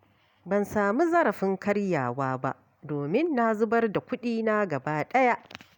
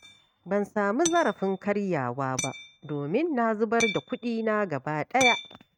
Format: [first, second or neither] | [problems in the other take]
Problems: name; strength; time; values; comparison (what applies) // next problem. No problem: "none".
first | noise reduction (neural mask model RNNoise)